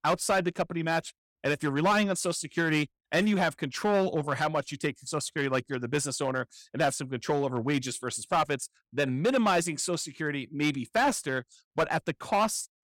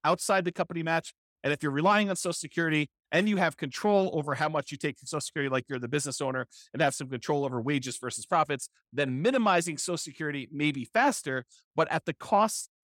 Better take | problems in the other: second | distortion; slight; 4% of the sound clipped

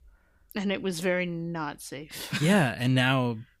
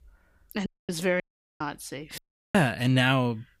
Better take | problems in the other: first | audio cutting out; at 0.5 s, at 1 s and at 2 s

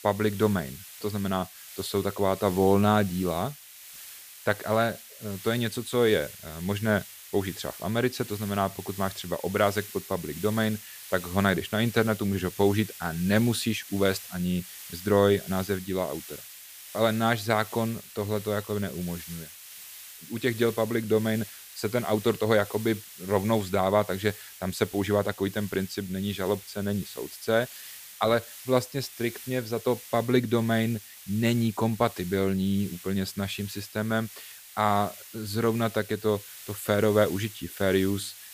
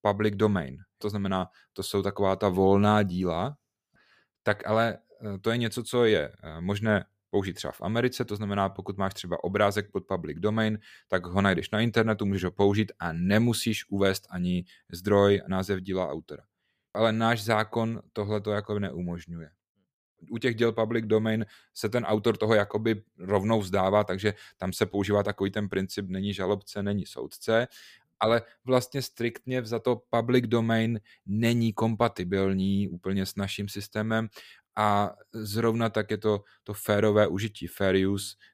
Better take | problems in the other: second | hiss; noticeable; throughout; 15 dB below the speech

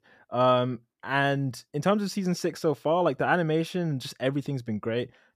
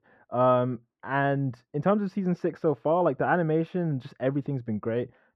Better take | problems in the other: first | muffled; very; fading above 3.5 kHz

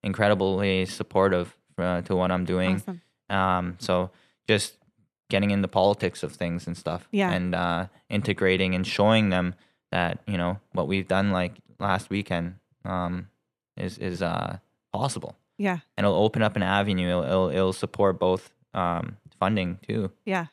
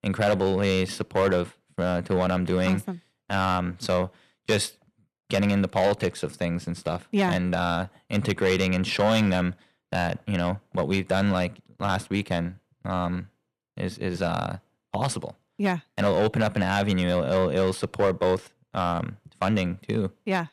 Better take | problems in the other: first | distortion; slight; 3% of the sound clipped

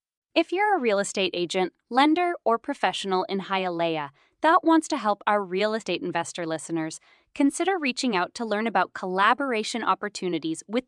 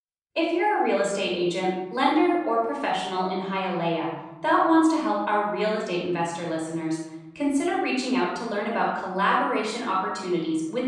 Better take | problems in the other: first | off-mic speech; far // room echo; noticeable; dies away in 1.1 s

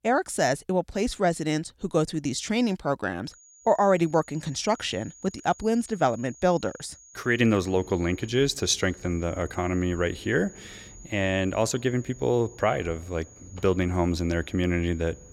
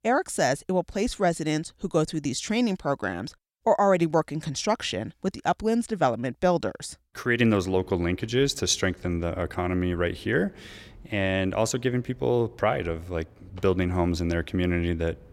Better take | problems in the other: second | high-pitched whine; faint; from 3.5 s on; 6.5 kHz, 20 dB below the speech

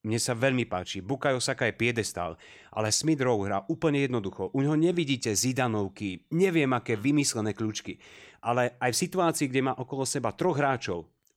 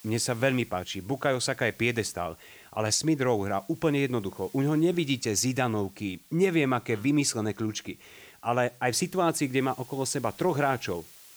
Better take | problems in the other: first | hiss; faint; throughout; 25 dB below the speech

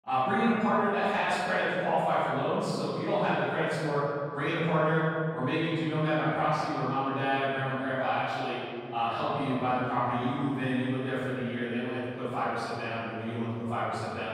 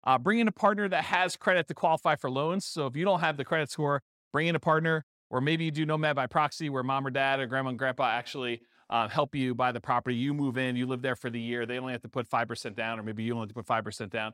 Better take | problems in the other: second | off-mic speech; far // room echo; strong; dies away in 2 s

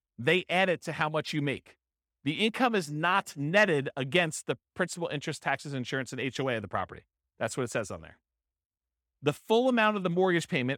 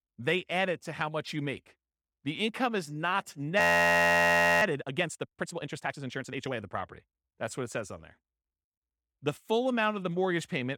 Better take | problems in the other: first | audio freezing; at 3.5 s for 1 s

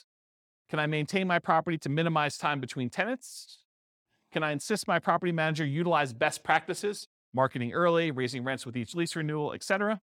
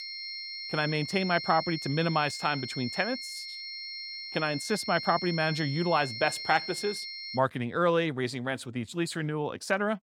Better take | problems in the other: first | high-pitched whine; loud; until 7.5 s; 4.5 kHz, 7 dB below the speech

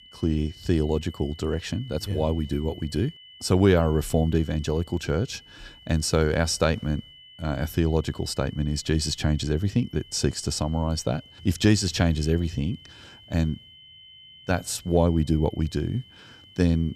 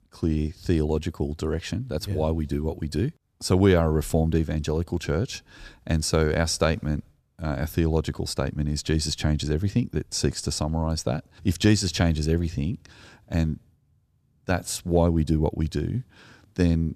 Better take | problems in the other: second | high-pitched whine; faint; throughout; 3 kHz, 20 dB below the speech

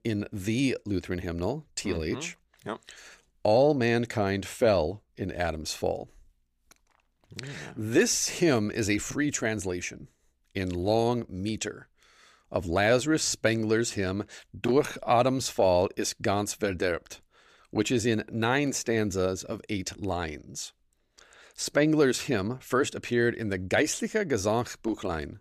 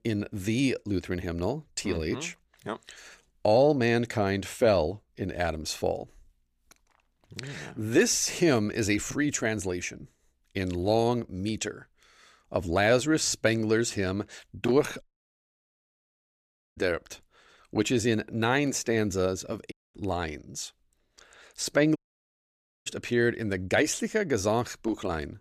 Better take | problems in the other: first | audio cutting out; at 15 s for 1.5 s, at 20 s and at 22 s for 1 s

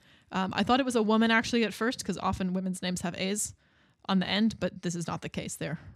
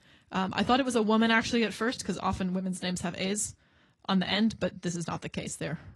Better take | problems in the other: first | garbled, watery; slightly; nothing above 11 kHz

